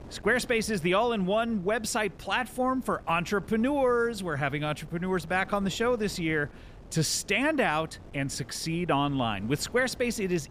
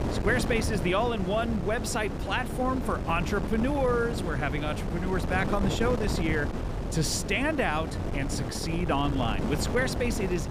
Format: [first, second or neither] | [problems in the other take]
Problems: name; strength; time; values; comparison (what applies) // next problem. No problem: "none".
first | wind noise on the microphone; heavy; 7 dB below the speech; occasional gusts in the first